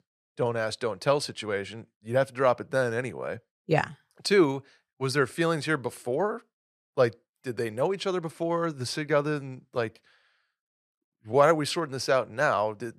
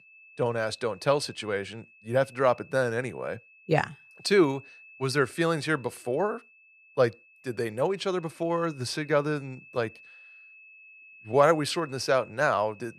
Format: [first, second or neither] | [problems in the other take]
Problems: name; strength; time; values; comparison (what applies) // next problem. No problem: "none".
first | high-pitched whine; faint; throughout; 2.5 kHz, 25 dB below the speech